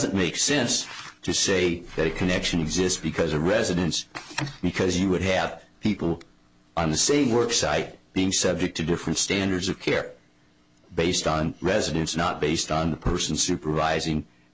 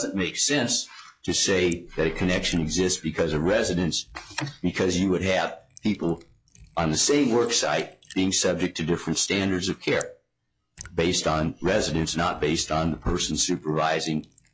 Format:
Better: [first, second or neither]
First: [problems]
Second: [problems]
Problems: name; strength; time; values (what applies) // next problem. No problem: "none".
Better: first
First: none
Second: noise reduction (classical method log-MMSE)